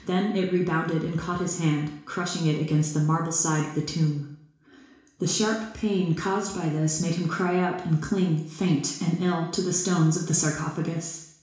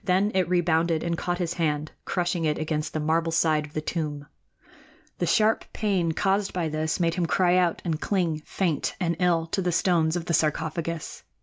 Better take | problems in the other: second | room echo; dies away in 0.7 s

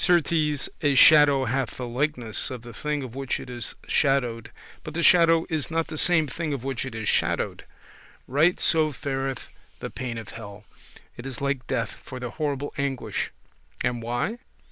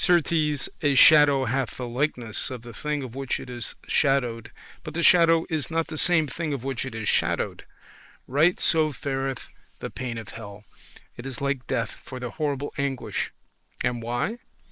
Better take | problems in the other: first | noise reduction (neural mask model Resemble Enhance denoiser)

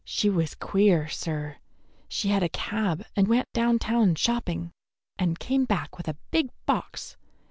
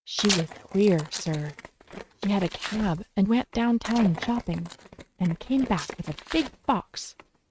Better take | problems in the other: first | noise reduction (neural mask model RNNoise)

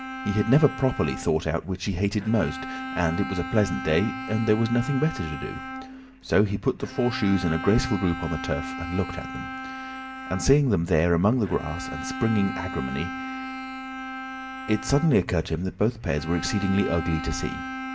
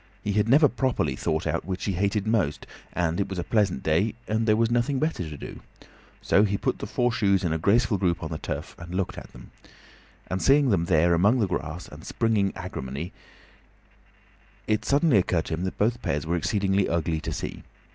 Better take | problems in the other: second | background sound (Bowed string instrument); 9 dB below the speech // room echo; dies away in 0.2 s

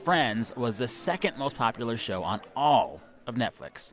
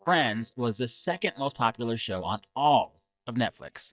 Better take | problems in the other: first | noise reduction (neural mask model DeepFilterNet 3)

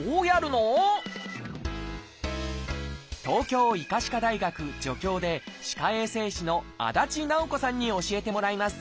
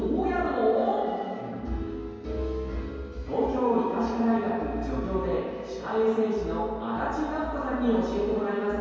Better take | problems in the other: first | room echo; dies away in 2.2 s

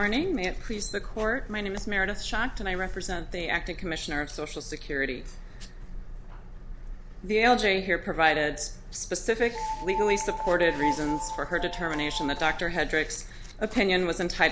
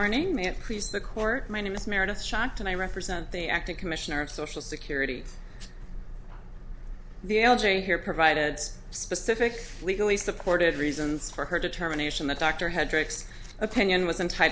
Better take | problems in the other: second | background sound (Piano); 5 dB below the speech

